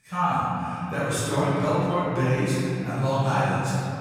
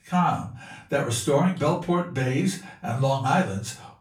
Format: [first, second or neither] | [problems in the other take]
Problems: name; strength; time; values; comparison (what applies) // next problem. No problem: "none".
second | room echo; strong; dies away in 2.6 s; slight in the second // off-mic speech; far; far in the second